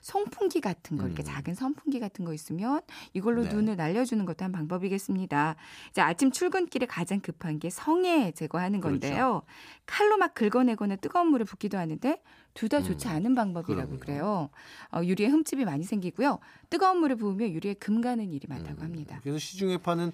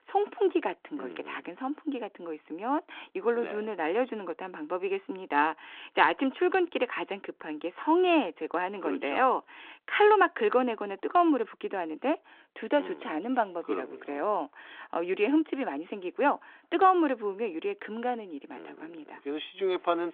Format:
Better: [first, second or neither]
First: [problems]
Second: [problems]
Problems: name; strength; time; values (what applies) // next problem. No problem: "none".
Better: first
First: none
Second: phone-call audio